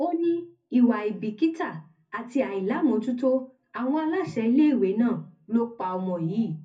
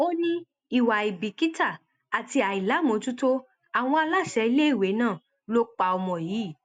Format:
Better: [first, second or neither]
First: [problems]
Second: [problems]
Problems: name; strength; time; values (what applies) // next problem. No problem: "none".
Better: second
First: room echo; dies away in 0.4 s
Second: none